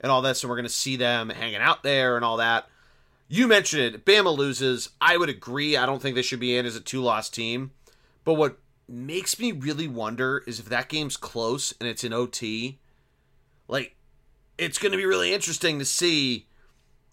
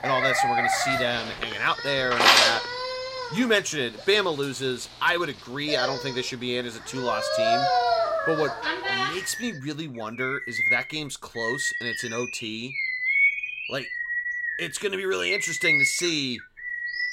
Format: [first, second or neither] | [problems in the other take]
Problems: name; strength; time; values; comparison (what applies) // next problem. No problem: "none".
first | animal sounds; very loud; throughout; 3 dB above the speech